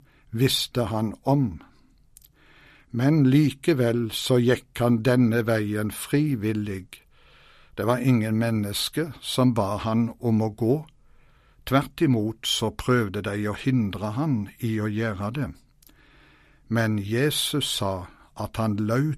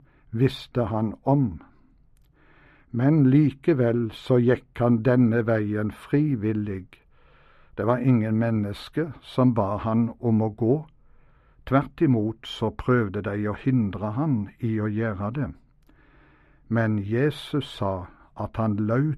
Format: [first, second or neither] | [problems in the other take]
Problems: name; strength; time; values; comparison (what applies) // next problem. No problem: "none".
first | muffled; very; fading above 3 kHz